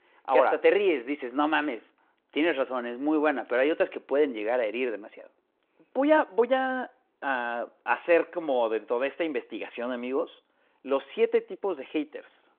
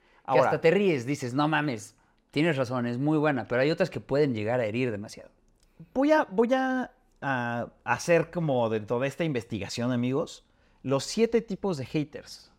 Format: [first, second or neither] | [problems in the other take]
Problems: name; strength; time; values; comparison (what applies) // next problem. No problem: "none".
second | phone-call audio